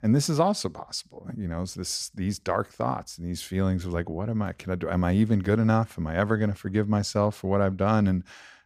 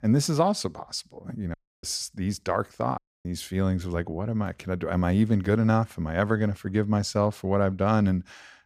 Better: first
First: none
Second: audio cutting out; at 1.5 s and at 3 s

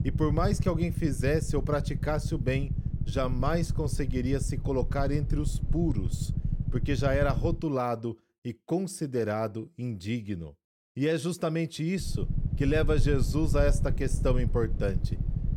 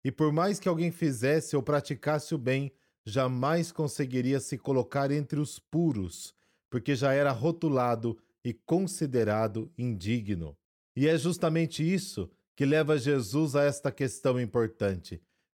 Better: second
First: low rumble; noticeable; until 7.5 s and from 12 s on; 10 dB below the speech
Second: none

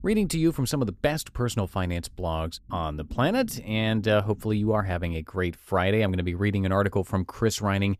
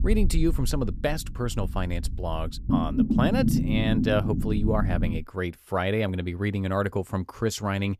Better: first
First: low rumble; faint; until 5 s; 25 dB below the speech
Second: low rumble; loud; until 5 s; 3 dB below the speech

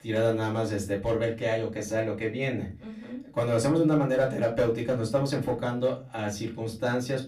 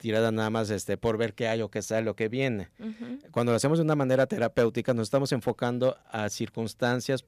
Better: second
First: off-mic speech; far // room echo; very slight; dies away in 0.3 s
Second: none

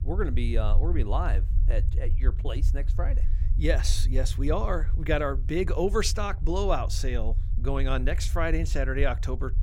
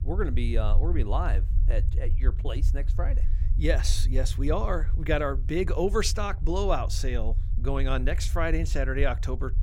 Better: neither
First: low rumble; noticeable; throughout; 15 dB below the speech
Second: low rumble; noticeable; throughout; 15 dB below the speech

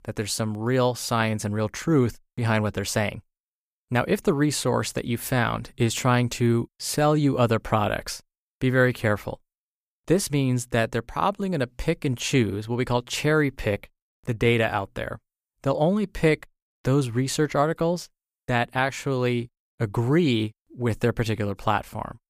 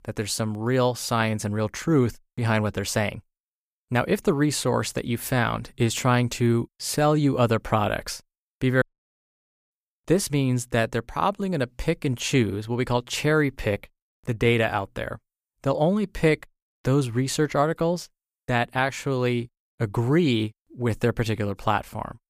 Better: first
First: none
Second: audio cutting out; at 9 s for 1 s

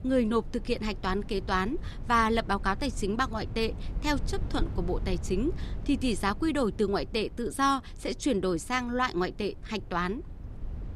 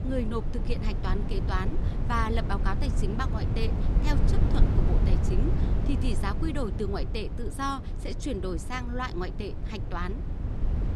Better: first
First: low rumble; faint; throughout; 20 dB below the speech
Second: low rumble; loud; throughout; 6 dB below the speech

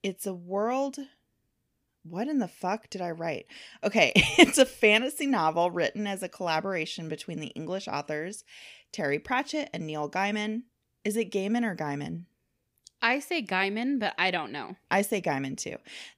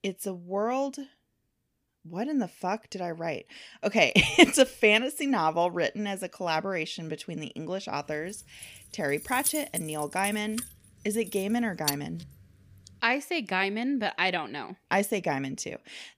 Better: first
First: none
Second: jangling keys; noticeable; from 8.5 to 12 s; peak 1 dB below the speech

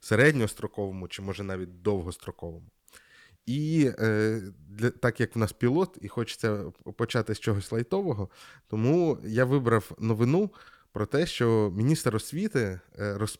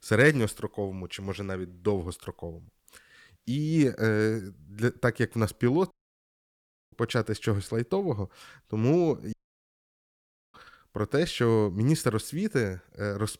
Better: first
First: none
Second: audio cutting out; at 6 s for 1 s and at 9.5 s for 1 s

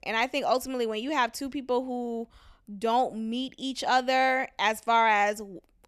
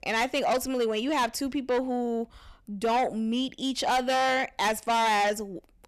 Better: first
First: none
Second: distortion; heavy; 8 dB below the speech

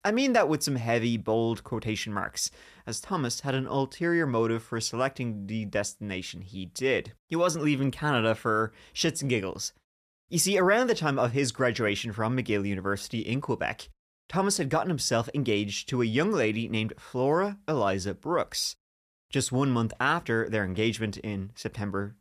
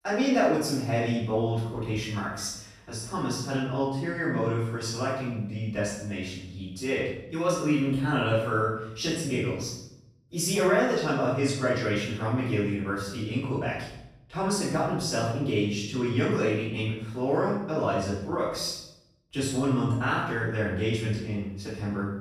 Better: first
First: none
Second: room echo; noticeable; dies away in 0.8 s // off-mic speech; far

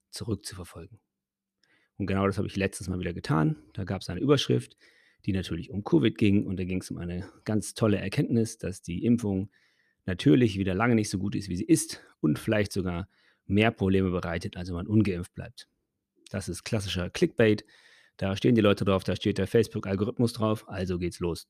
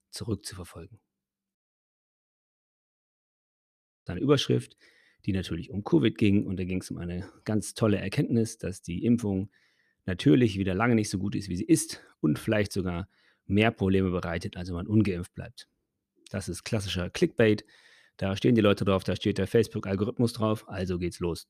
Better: first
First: none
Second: audio cutting out; at 1.5 s for 2.5 s

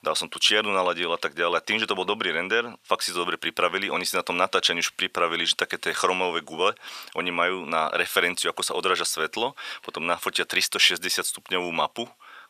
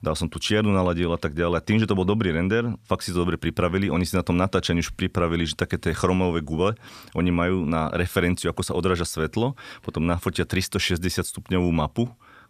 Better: second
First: thin; very; fading below 650 Hz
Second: none

